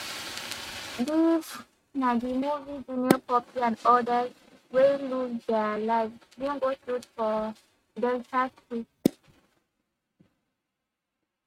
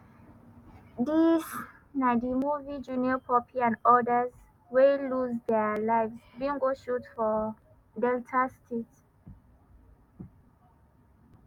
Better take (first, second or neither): second